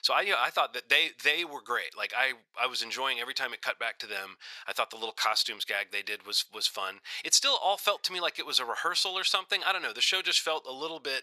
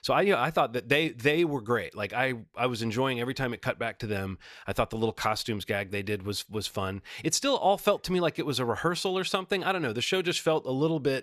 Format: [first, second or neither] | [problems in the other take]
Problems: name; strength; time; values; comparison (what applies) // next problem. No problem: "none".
second | thin; very; fading below 900 Hz